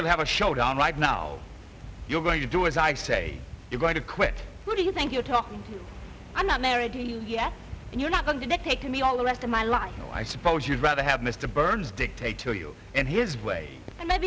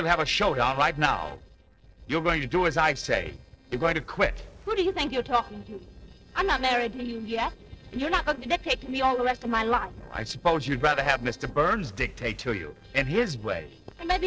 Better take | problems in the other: first | noise reduction (neural separator model SepFormer DNS4)

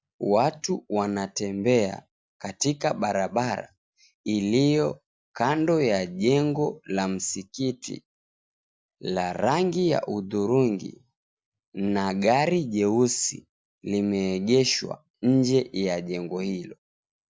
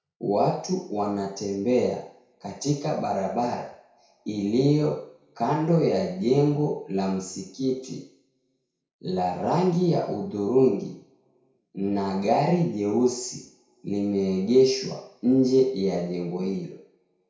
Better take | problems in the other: first | room echo; dies away in 0.5 s

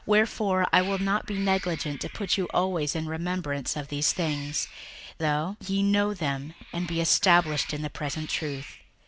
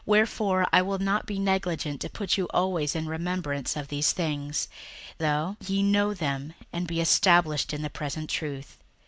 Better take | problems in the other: second | background sound (Cat); 17 dB below the speech

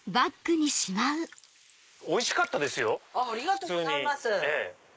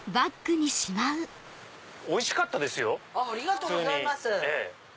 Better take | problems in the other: second | noise reduction (neural mask model Resemble Enhance denoiser)

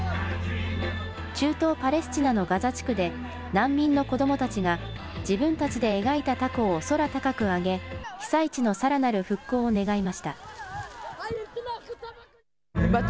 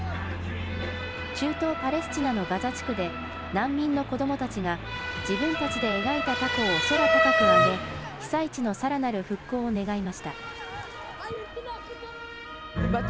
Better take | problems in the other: first | background sound (Motor vehicle (road) / Siren); 1 dB below the speech

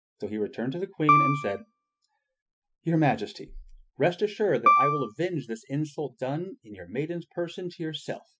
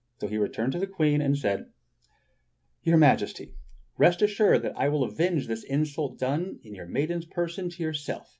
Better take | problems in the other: second | noise reduction (classical method spectral subtraction)

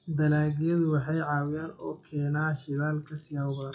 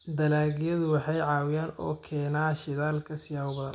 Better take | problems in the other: second | noise reduction (classical method WPE with log-MMSE)

